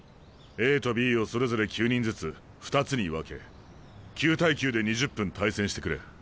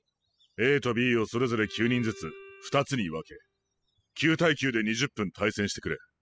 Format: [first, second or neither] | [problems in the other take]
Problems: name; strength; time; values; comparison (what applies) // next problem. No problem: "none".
first | noise reduction (classical method spectral subtraction)